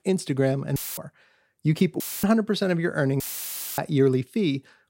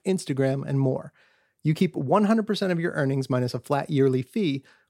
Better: second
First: audio cutting out; filled with static; at 1 s, at 2 s and at 3 s for 0.5 s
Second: none

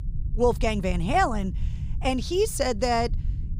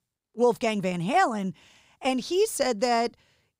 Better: second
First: low rumble; faint; throughout; 25 dB below the speech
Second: none

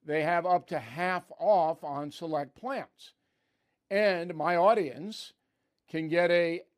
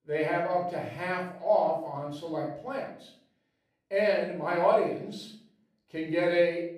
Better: first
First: none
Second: off-mic speech; far // room echo; noticeable; dies away in 0.5 s

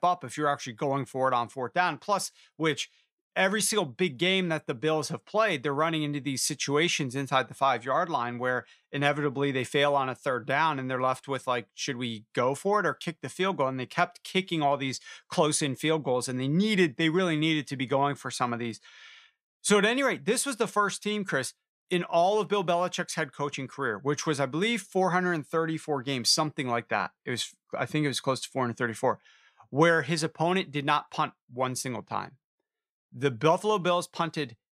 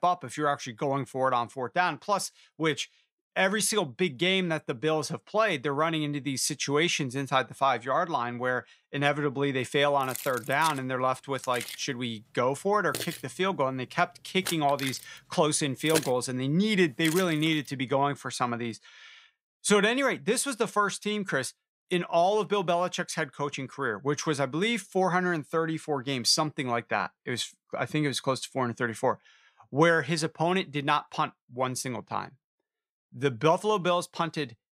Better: first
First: none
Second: jangling keys; noticeable; from 10 to 17 s; peak 3 dB below the speech

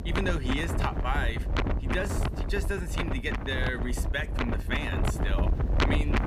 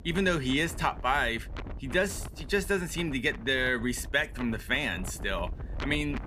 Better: second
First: wind noise on the microphone; heavy; 2 dB below the speech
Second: wind noise on the microphone; occasional gusts; 20 dB below the speech

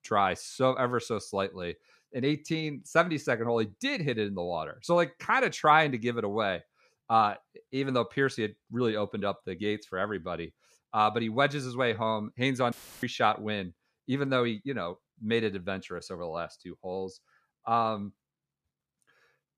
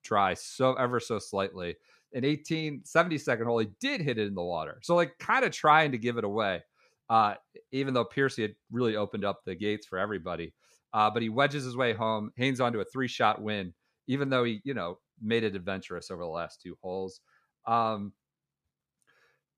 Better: second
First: audio cutting out; filled with static; at 13 s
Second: none

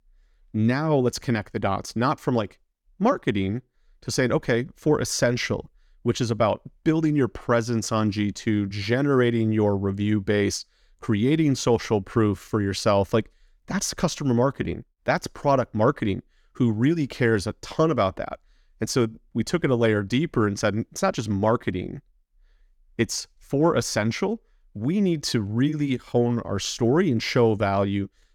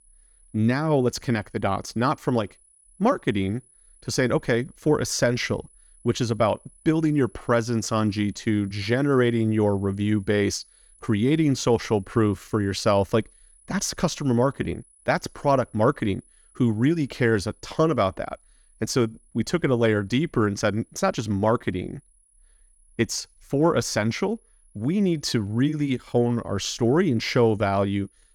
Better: first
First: none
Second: high-pitched whine; faint; throughout; 10 kHz, 30 dB below the speech

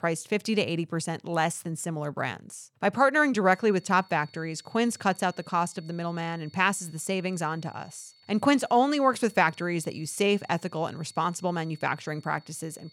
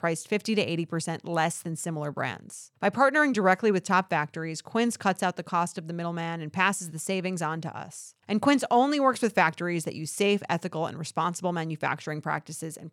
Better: second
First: high-pitched whine; faint; from 3.5 s on; 4.5 kHz, 30 dB below the speech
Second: none

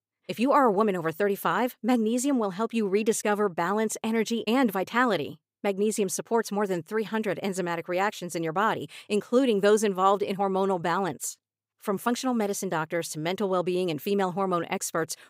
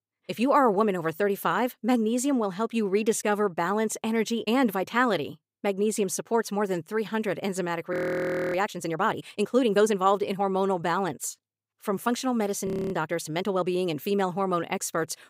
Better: first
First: none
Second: audio freezing; at 8 s for 0.5 s and at 13 s

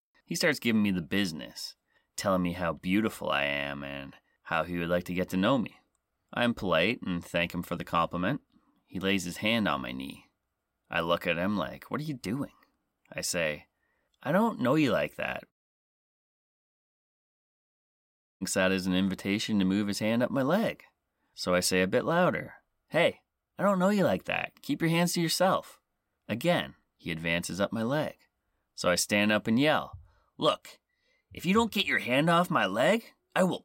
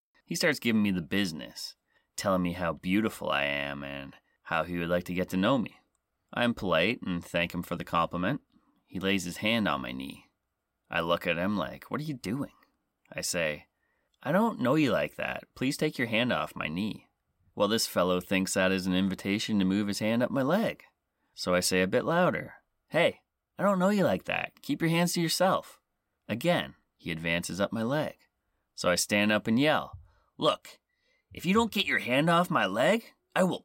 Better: second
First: audio cutting out; at 16 s for 3 s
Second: none

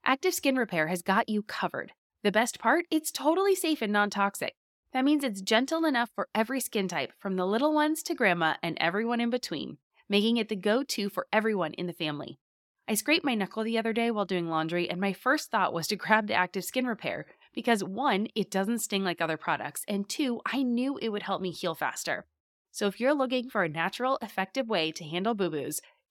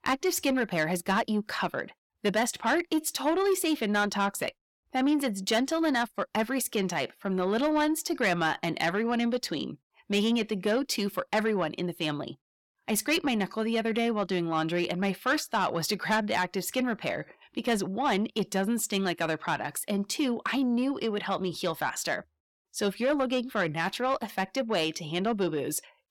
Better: first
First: none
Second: distortion; slight; 10 dB below the speech

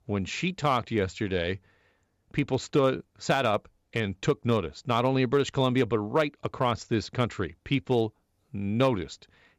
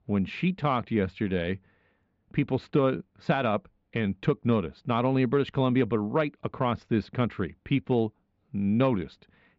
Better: first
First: none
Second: muffled; slightly; fading above 3 kHz

